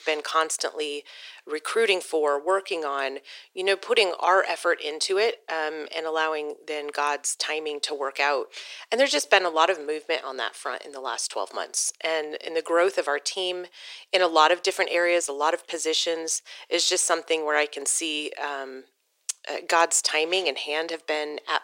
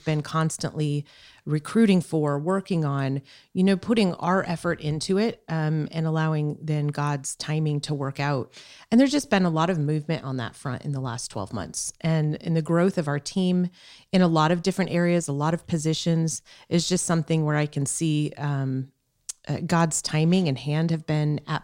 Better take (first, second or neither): second